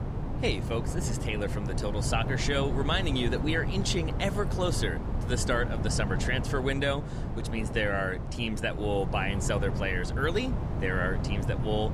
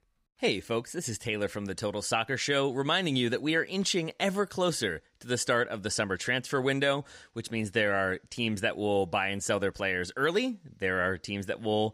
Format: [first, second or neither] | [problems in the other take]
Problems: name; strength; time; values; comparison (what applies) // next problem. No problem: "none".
second | wind noise on the microphone; heavy; 9 dB below the speech